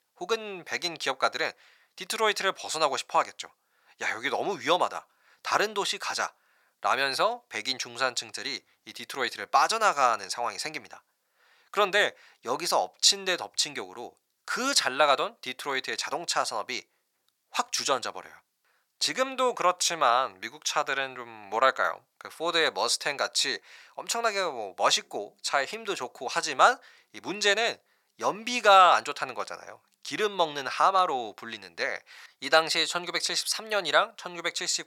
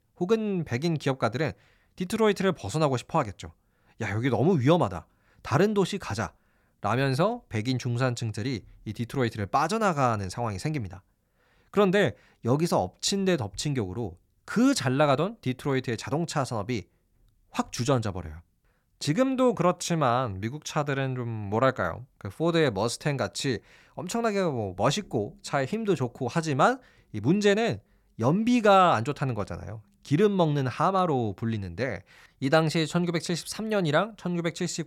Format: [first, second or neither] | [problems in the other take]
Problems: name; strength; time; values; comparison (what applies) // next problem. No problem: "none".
second | thin; very; fading below 800 Hz